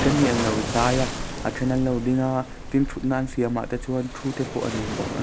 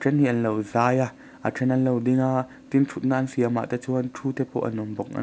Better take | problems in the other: second | background sound (Waves, surf); 5 dB below the speech

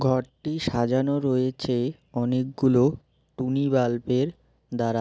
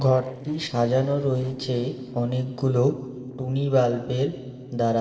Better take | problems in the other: first | noise reduction (neural separator model SepFormer DNS4)

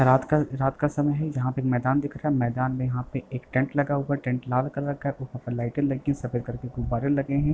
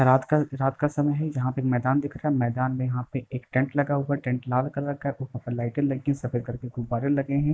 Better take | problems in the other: first | noise reduction (neural mask model Resemble Enhance denoiser)

